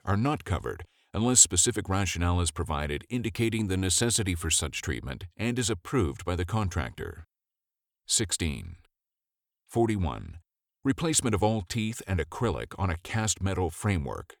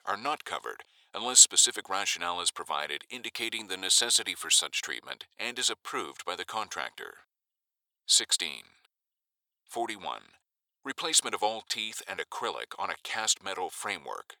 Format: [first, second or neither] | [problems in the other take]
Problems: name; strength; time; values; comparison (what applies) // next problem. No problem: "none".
first | thin; very; fading below 750 Hz